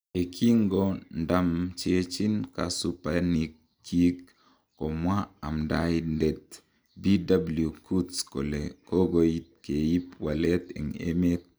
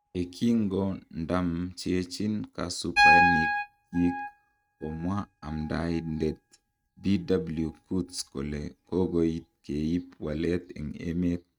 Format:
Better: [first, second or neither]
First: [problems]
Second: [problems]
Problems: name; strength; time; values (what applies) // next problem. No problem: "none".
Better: first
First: none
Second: noise reduction (neural mask model RNNoise)